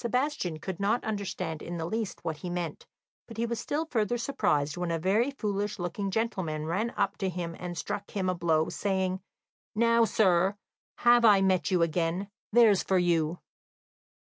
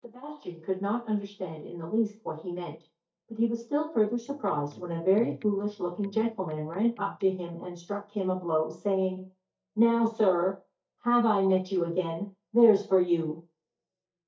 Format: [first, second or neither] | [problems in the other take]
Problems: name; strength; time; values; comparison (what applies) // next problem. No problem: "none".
first | noise reduction (neural mask model DeepFilterNet 3)